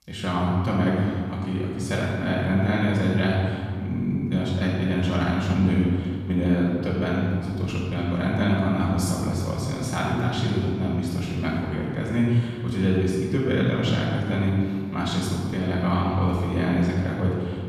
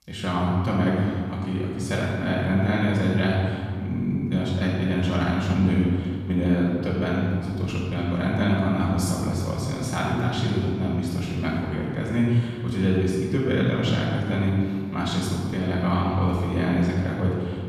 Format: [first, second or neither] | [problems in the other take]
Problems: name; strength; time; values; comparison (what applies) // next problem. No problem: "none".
neither | off-mic speech; far; the same in both // room echo; strong; dies away in 1.9 s; the same in both